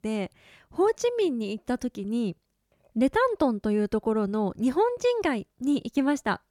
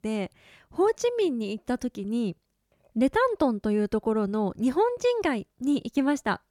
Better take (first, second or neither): neither